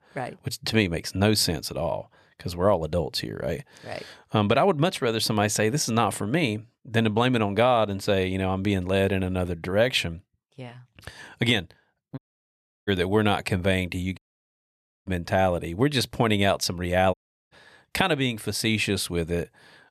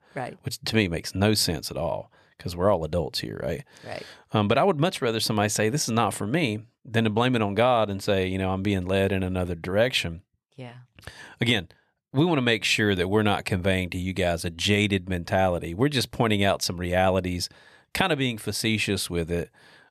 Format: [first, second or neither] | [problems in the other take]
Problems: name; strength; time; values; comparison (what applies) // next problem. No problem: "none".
second | audio cutting out; at 12 s for 0.5 s, at 14 s for 1 s and at 17 s